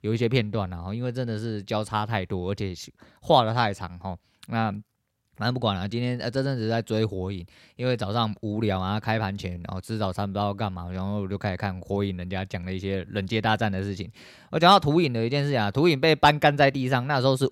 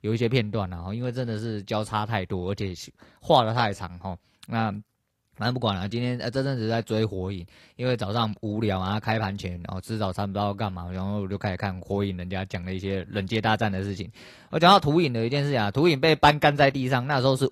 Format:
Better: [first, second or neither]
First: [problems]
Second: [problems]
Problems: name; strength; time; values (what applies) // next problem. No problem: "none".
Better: first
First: none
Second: garbled, watery; slightly; nothing above 13 kHz